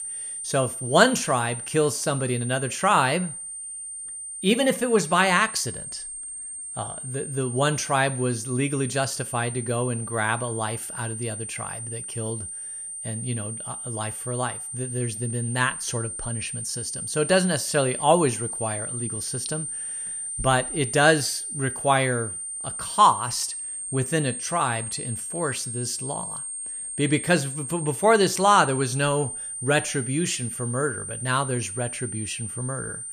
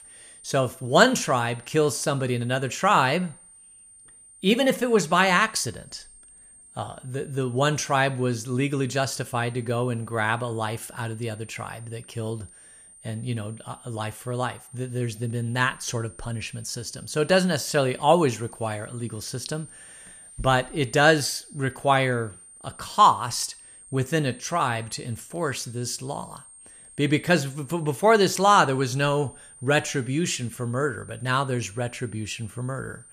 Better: second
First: high-pitched whine; loud; throughout; 9 kHz, 6 dB below the speech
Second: high-pitched whine; faint; throughout; 9 kHz, 20 dB below the speech

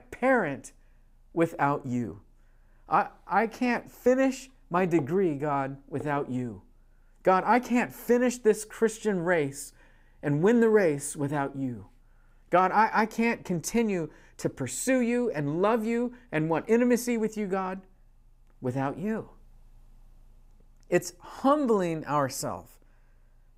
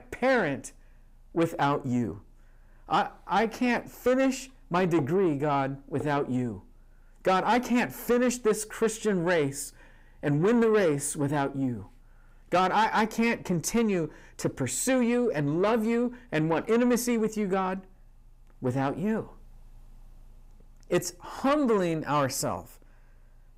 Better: first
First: none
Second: distortion; slight; 10 dB below the speech

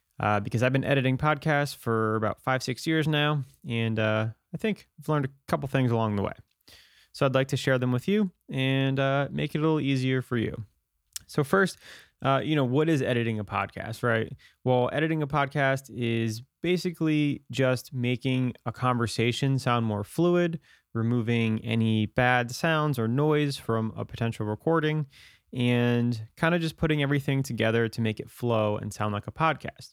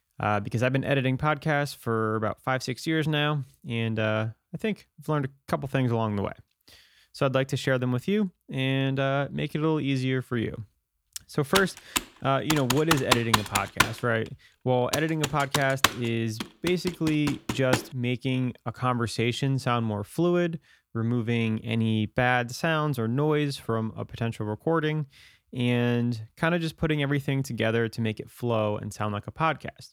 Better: first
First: none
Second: keyboard typing; loud; from 12 to 18 s; peak 4 dB above the speech

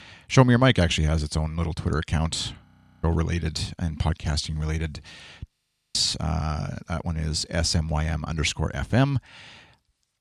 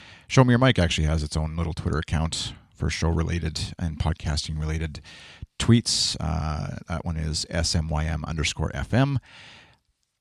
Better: second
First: audio freezing; at 2.5 s and at 5.5 s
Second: none

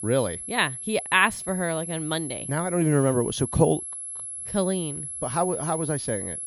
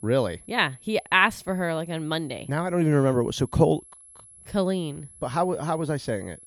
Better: second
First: high-pitched whine; loud; throughout; 11 kHz, 7 dB below the speech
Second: high-pitched whine; faint; throughout; 11 kHz, 20 dB below the speech

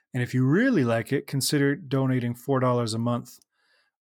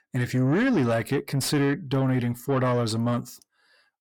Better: first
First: none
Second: distortion; slight; 10 dB below the speech

